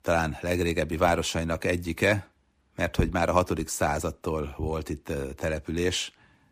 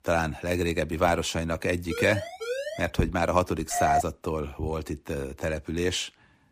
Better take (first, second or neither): first